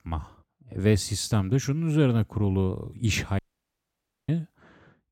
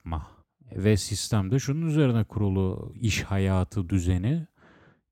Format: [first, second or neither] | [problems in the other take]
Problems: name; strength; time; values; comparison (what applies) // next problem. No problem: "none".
second | audio cutting out; at 3.5 s for 1 s